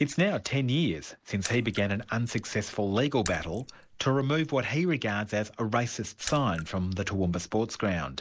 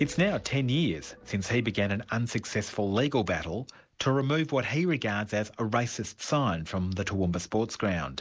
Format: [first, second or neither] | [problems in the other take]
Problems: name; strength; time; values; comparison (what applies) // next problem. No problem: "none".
second | noise reduction (neural mask model Resemble Enhance denoiser)